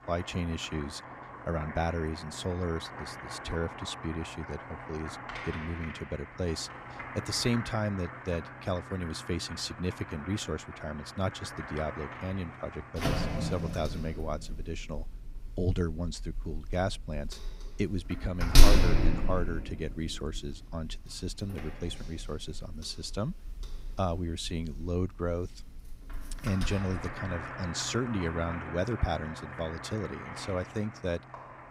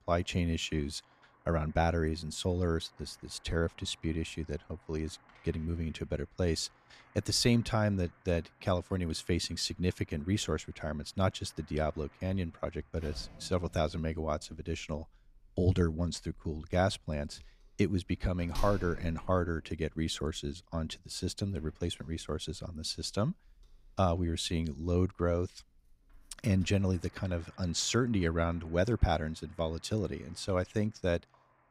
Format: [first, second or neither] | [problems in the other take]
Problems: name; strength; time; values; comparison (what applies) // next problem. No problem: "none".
second | household noises; loud; throughout; 3 dB below the speech; faint in the second